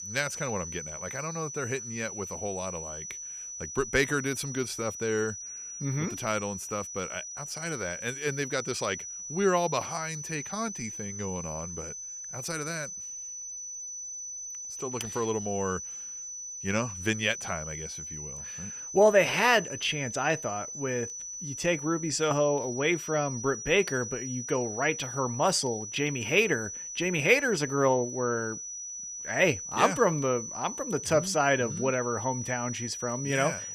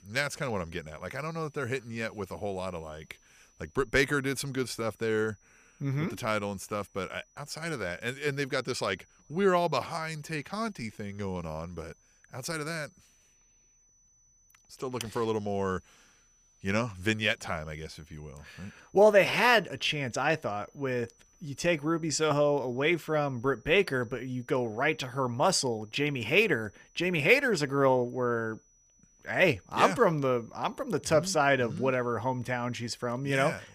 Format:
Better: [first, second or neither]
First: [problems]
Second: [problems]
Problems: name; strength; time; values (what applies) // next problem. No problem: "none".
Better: second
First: high-pitched whine; loud; throughout; 6 kHz, 7 dB below the speech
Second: high-pitched whine; faint; throughout; 6 kHz, 35 dB below the speech